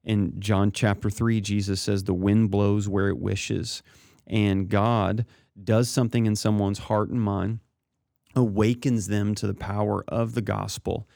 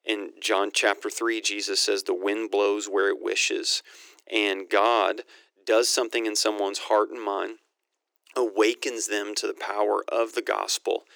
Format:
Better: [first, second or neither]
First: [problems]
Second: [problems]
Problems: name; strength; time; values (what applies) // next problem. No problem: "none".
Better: first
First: none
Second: thin; very; fading below 350 Hz